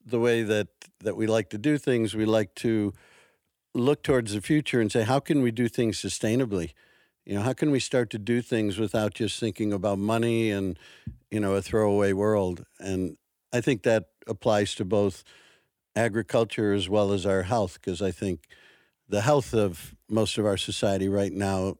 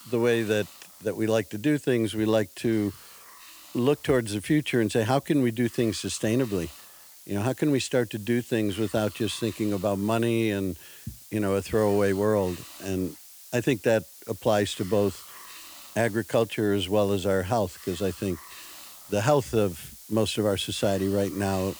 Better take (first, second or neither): first